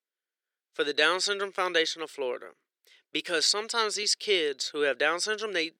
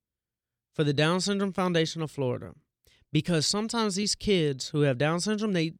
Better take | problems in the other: second | thin; very; fading below 400 Hz

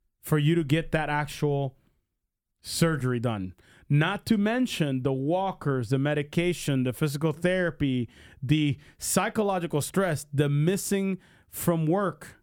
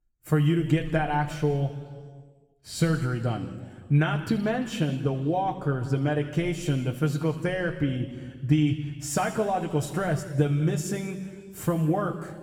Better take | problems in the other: first | room echo; slight; dies away in 1.6 s // off-mic speech; somewhat distant

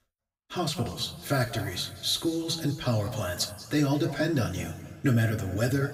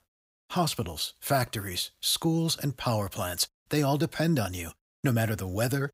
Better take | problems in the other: second | room echo; slight; dies away in 1.8 s // off-mic speech; somewhat distant

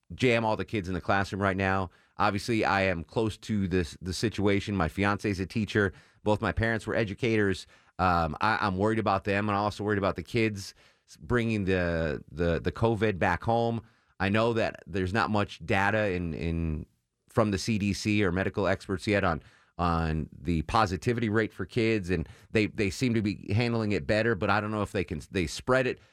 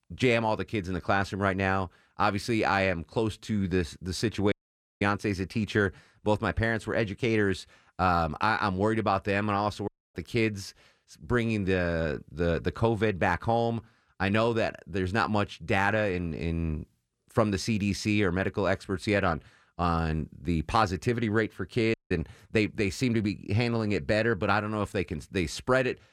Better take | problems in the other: first | audio cutting out; at 4.5 s, at 10 s and at 22 s

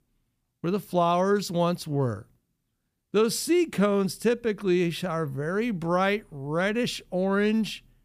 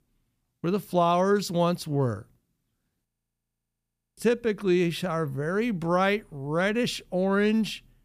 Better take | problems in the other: first | audio freezing; at 3 s for 1 s

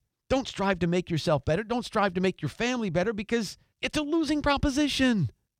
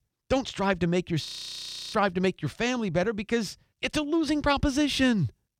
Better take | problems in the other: first | audio freezing; at 1.5 s for 0.5 s

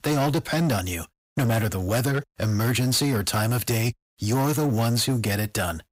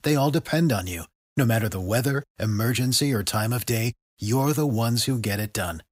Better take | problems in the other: second | distortion; slight; 16% of the sound clipped

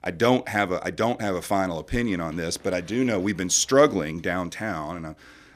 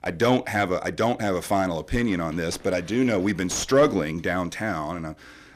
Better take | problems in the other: first | distortion; slight; 10 dB below the speech

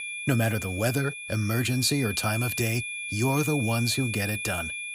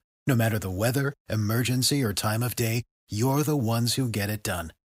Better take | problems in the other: second | high-pitched whine; loud; throughout; 2.5 kHz, 5 dB below the speech

